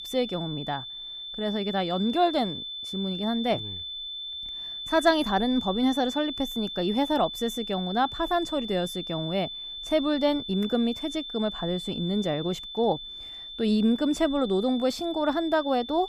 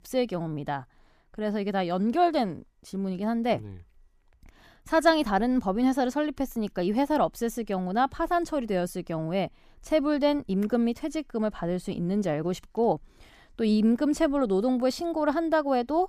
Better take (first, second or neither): second